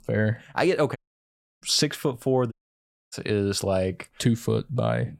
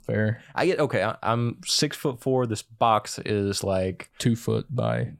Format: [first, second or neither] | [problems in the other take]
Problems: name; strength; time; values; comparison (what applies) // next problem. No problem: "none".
second | audio cutting out; at 1 s for 0.5 s and at 2.5 s for 0.5 s